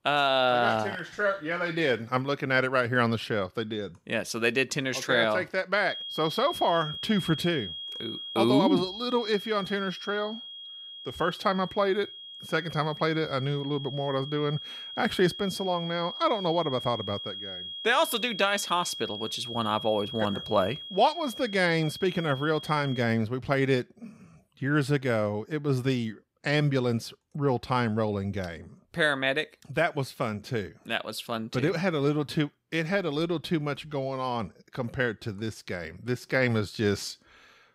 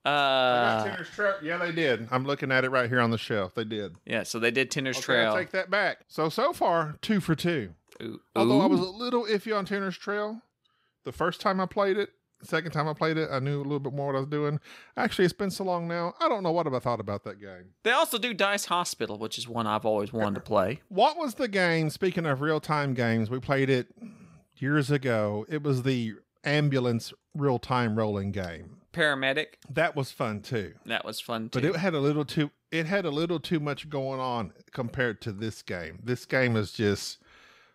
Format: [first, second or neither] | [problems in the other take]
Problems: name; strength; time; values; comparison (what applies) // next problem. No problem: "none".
second | high-pitched whine; loud; from 6 to 23 s; 3.5 kHz, 9 dB below the speech